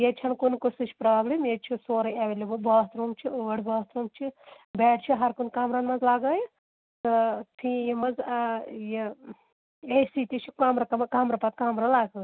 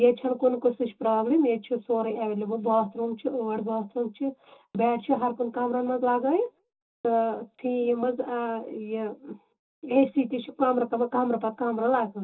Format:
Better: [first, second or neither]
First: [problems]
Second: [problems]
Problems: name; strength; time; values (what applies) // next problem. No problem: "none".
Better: first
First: none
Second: room echo; dies away in 0.2 s